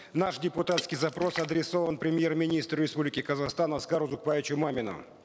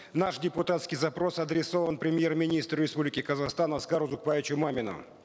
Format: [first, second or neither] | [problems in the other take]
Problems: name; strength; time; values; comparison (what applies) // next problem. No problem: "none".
second | background sound (Water / Splash, splatter); 15 dB below the speech